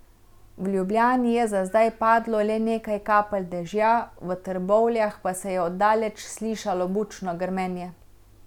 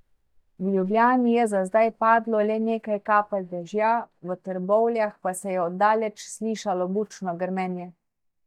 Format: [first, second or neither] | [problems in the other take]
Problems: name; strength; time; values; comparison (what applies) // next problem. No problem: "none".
first | noise reduction (neural mask model DeepFilterNet 3)